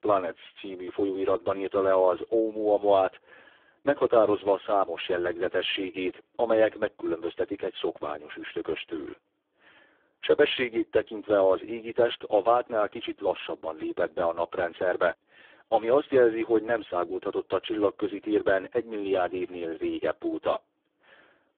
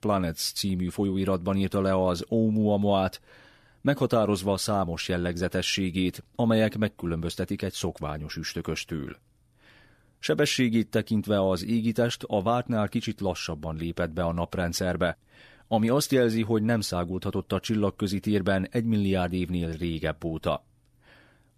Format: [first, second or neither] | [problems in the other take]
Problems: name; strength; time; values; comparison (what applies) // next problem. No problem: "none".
second | phone-call audio; poor line